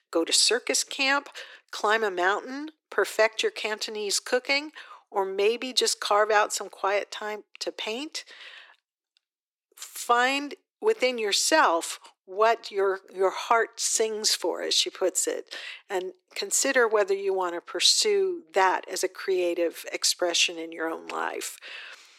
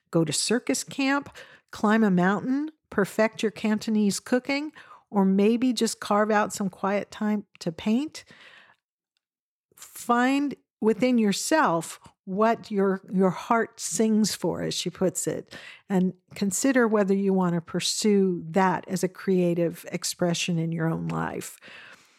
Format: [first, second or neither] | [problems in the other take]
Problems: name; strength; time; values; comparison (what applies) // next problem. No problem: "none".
second | thin; very; fading below 350 Hz